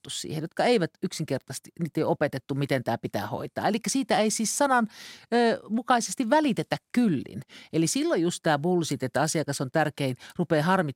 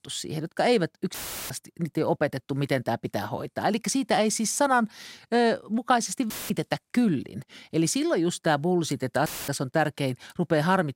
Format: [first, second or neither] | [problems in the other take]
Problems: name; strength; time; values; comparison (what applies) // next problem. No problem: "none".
first | audio cutting out; filled with static; at 1 s, at 6.5 s and at 9.5 s